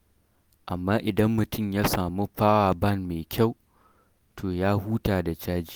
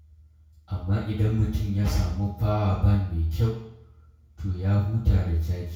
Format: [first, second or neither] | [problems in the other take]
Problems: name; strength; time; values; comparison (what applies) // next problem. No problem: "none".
first | room echo; dies away in 0.6 s